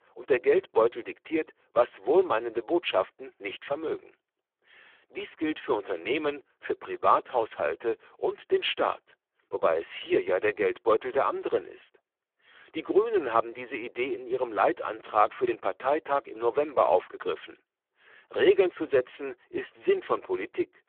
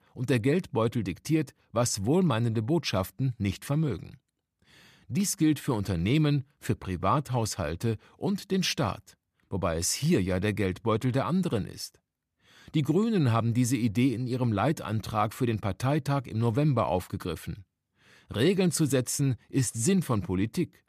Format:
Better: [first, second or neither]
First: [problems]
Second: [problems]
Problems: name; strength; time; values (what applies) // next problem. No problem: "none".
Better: second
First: phone-call audio; poor line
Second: none